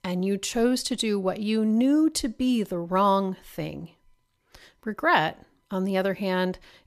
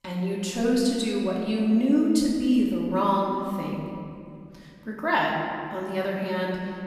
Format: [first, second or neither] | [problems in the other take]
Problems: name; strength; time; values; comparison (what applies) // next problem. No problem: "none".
first | off-mic speech; far // room echo; noticeable; dies away in 2.2 s